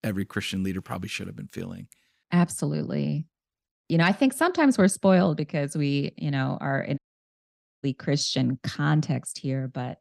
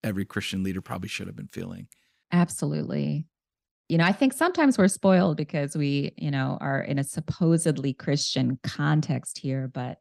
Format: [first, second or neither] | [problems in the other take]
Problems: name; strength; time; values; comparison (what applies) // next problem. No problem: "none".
second | audio cutting out; at 7 s for 1 s